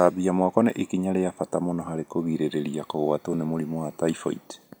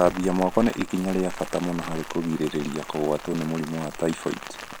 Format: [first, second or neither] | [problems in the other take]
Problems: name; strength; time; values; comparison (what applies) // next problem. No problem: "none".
first | background sound (Rain); 11 dB below the speech